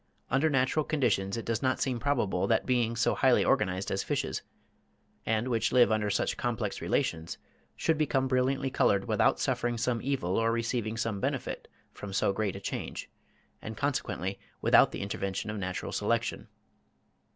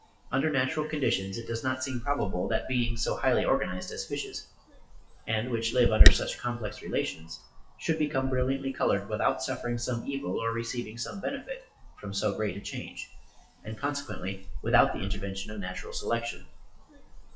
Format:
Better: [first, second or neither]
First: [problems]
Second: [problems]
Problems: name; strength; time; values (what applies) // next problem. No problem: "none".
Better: first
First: none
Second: noise reduction (classical method WPE with log-MMSE)